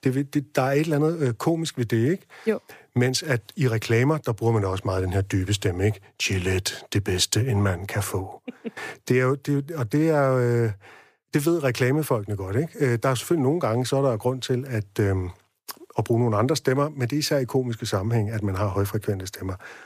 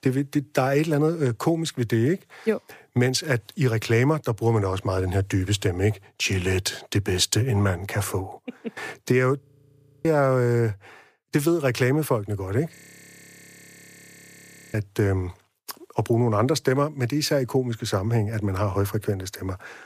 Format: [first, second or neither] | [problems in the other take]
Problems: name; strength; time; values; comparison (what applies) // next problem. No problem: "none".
first | audio freezing; at 9.5 s for 0.5 s and at 13 s for 2 s